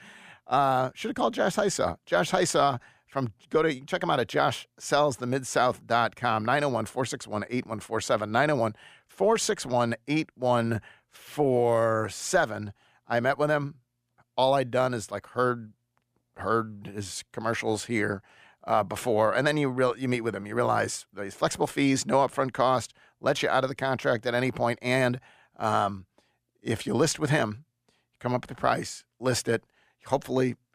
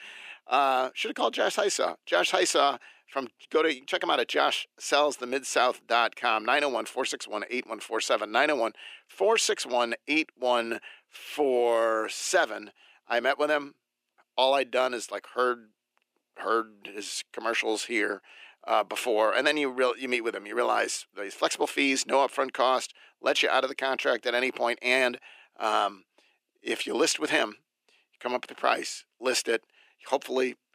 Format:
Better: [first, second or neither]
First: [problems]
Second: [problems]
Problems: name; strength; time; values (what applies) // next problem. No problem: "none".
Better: first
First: none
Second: thin; somewhat; fading below 300 Hz